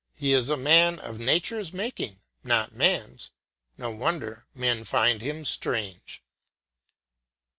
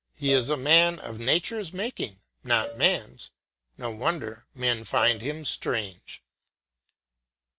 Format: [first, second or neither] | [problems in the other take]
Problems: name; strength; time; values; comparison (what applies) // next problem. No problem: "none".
first | background sound (Cowbell); 17 dB below the speech